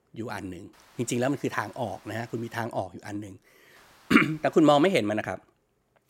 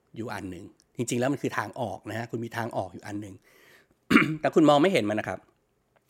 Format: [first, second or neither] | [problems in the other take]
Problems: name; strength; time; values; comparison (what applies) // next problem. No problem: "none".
second | hiss; faint; from 0.5 to 2.5 s and from 4 to 5 s; 30 dB below the speech